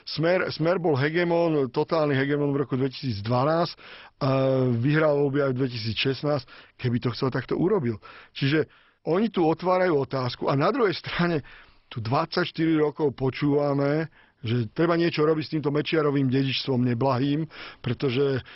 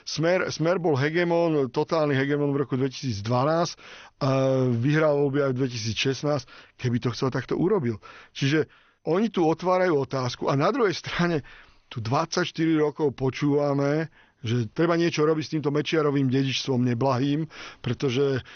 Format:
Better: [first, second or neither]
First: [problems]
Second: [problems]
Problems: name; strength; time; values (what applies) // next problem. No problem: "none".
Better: second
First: garbled, watery; badly; nothing above 5.5 kHz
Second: garbled, watery; slightly; nothing above 6.5 kHz